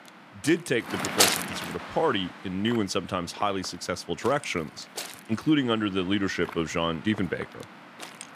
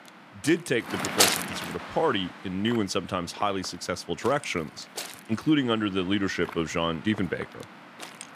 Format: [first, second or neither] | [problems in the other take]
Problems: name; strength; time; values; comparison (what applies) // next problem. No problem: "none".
neither | wind noise on the microphone; heavy; 2 dB below the speech; the same in both